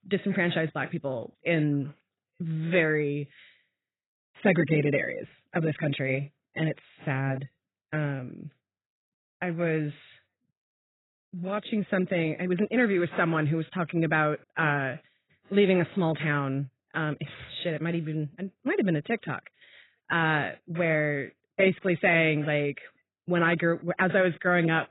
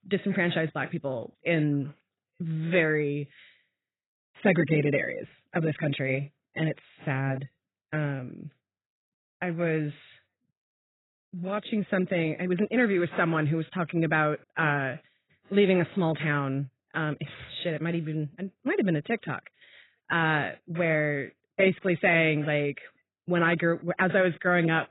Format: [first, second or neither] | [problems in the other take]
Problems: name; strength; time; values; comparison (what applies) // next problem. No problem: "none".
neither | garbled, watery; badly; nothing above 4 kHz; the same in both